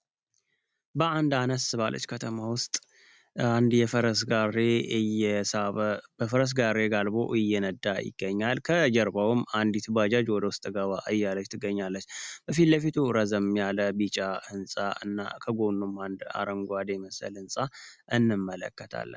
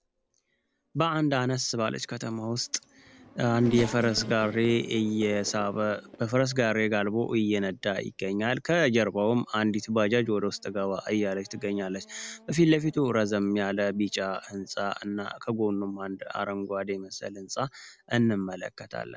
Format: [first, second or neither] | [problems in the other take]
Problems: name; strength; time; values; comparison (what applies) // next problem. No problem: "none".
first | background sound (Race car, auto racing / Accelerating, revving, vroom); 20 dB below the speech